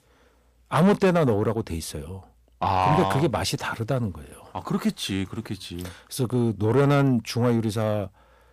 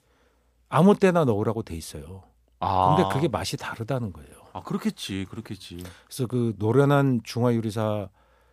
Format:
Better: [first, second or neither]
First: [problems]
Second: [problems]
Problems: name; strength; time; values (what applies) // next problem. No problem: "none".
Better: second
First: distortion; slight; 10 dB below the speech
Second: none